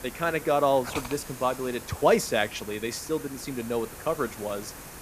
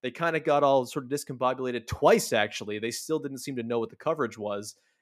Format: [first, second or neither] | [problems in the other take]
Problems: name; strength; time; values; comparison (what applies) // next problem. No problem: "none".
second | hiss; noticeable; throughout; 15 dB below the speech